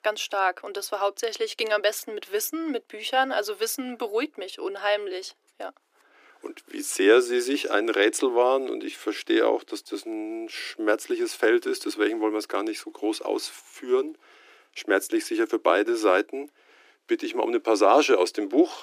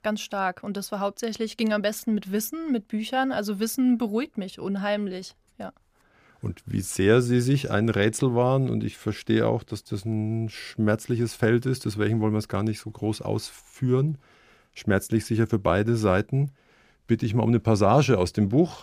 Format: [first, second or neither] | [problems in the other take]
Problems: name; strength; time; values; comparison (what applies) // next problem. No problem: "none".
second | thin; very; fading below 300 Hz